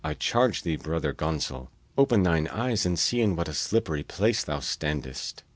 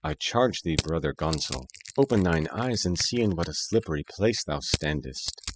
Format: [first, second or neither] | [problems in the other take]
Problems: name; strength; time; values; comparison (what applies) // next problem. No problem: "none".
first | noise reduction (classical method spectral subtraction)